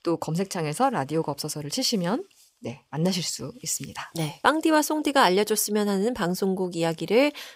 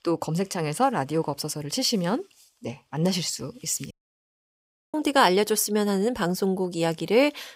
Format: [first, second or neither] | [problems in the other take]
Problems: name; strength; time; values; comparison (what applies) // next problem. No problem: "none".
first | audio cutting out; at 4 s for 1 s